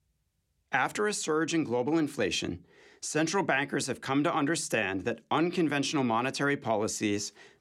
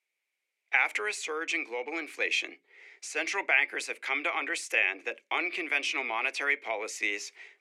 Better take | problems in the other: first | thin; very; fading below 400 Hz

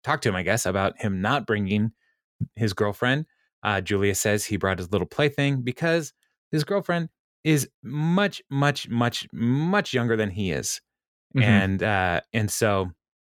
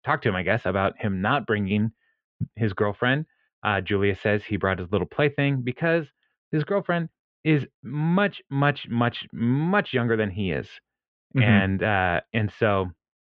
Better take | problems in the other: first | muffled; very; fading above 3 kHz

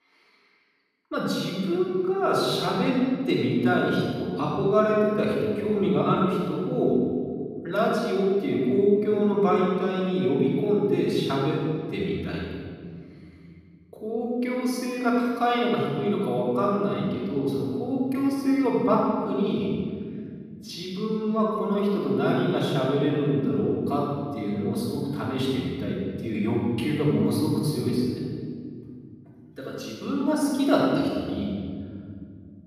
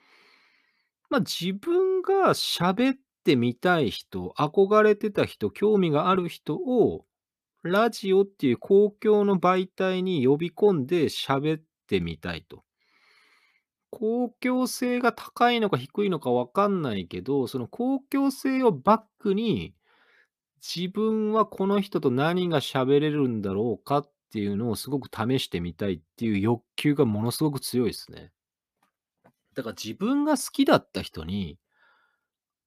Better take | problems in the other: second | off-mic speech; far // room echo; strong; dies away in 2.5 s

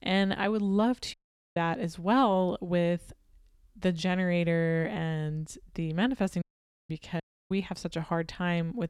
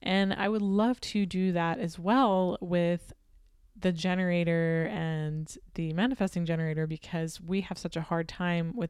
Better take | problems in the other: second | audio cutting out; at 1 s, at 6.5 s and at 7 s

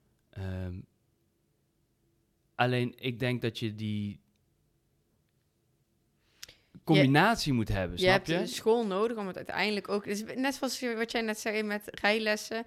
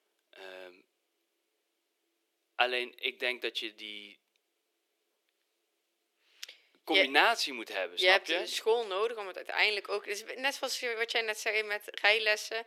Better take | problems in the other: first | thin; very; fading below 350 Hz

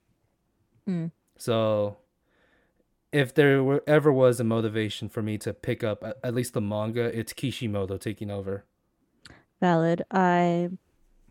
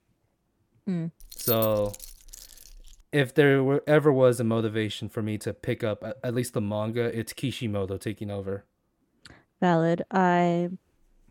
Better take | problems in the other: first | jangling keys; noticeable; from 1 to 3 s; peak 2 dB below the speech

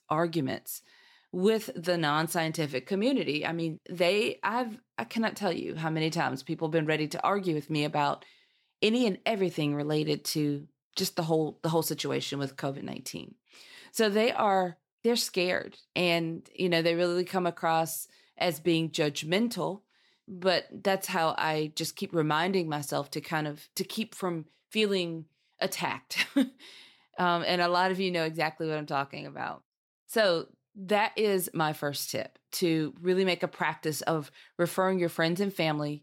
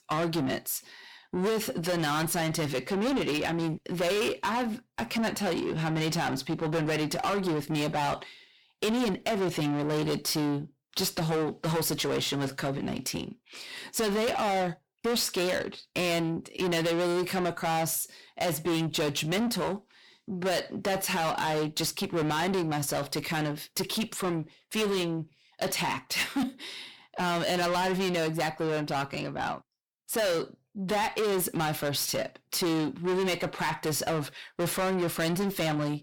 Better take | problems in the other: first | distortion; heavy; 5 dB below the speech

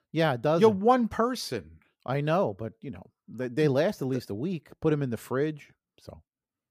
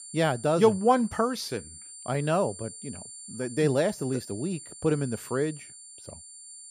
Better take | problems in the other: first | high-pitched whine; noticeable; throughout; 9 kHz, 15 dB below the speech

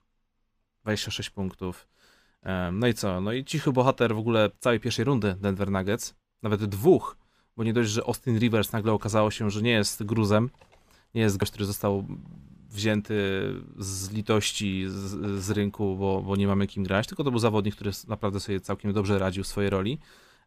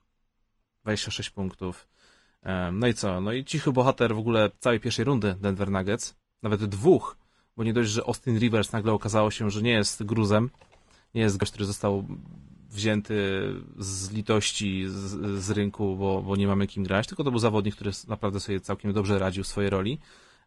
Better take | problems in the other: first | garbled, watery; slightly; nothing above 10.5 kHz

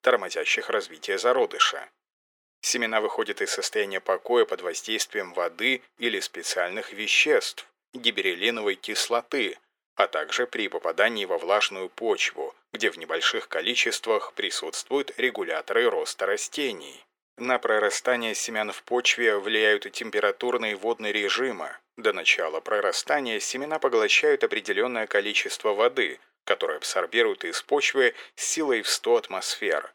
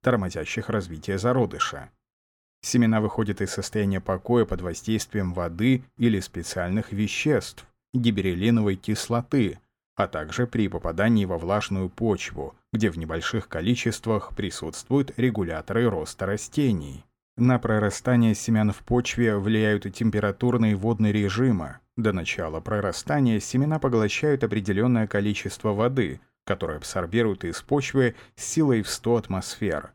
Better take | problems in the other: second | thin; very; fading below 400 Hz

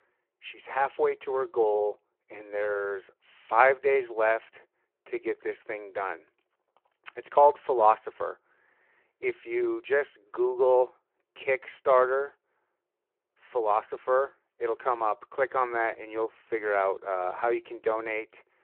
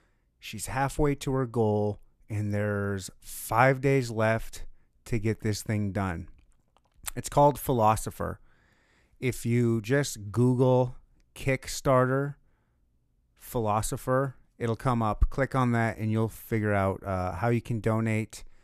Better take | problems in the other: second | phone-call audio

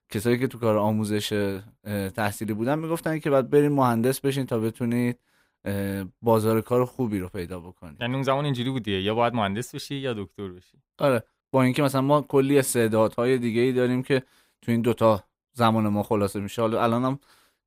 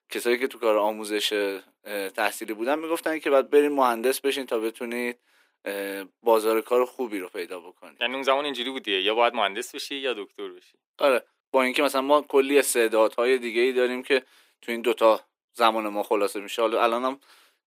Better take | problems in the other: first | thin; somewhat; fading below 300 Hz

